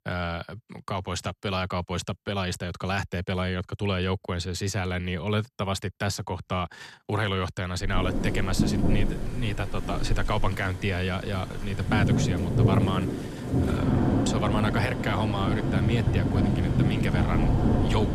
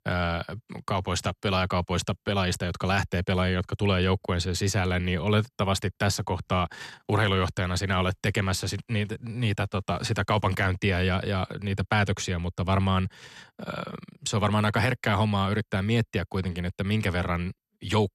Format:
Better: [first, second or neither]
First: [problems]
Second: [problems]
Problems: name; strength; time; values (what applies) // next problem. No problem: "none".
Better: second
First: rain or running water; very loud; from 8 s on; 3 dB above the speech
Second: none